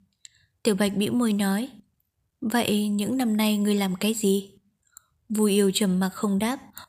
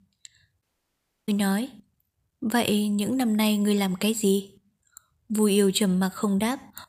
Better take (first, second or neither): first